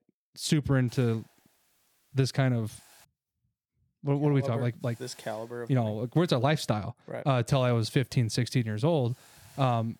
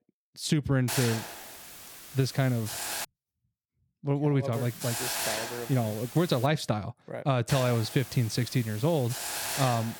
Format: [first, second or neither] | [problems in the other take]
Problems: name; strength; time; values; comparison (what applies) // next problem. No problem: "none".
first | hiss; loud; from 1 to 3 s, from 4.5 to 6.5 s and from 7.5 s on; 6 dB below the speech; faint in the first